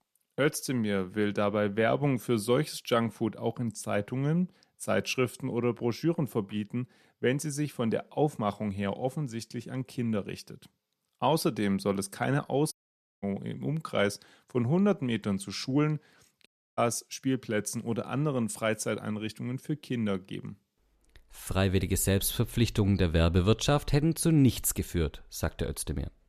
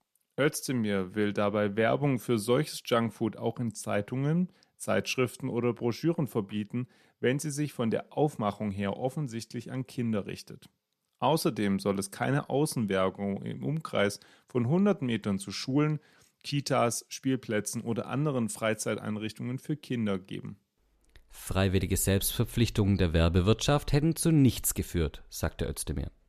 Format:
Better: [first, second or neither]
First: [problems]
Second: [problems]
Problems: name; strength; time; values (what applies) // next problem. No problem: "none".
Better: second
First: audio cutting out; at 13 s for 0.5 s and at 16 s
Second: none